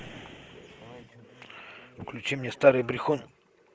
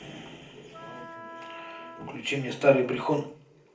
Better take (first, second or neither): first